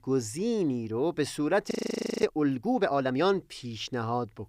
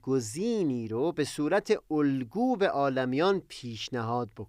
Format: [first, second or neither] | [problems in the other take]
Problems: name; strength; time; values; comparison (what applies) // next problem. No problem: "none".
second | audio freezing; at 1.5 s for 0.5 s